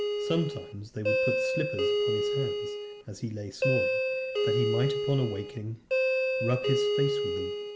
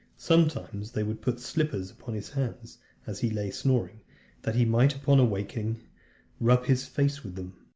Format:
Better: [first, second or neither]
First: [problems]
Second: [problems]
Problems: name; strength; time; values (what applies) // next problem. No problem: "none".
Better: second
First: background sound (Doorbell); 4 dB above the speech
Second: none